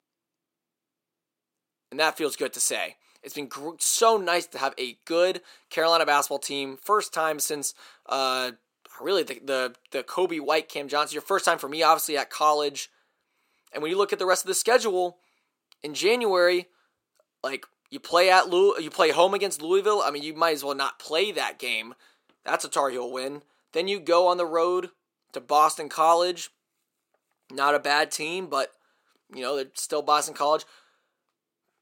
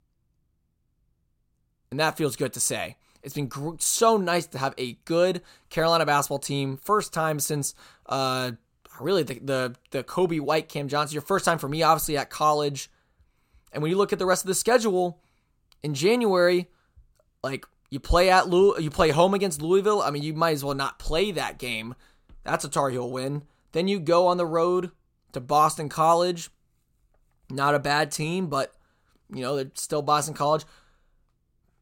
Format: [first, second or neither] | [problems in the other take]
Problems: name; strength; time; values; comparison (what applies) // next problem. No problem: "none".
second | thin; somewhat; fading below 300 Hz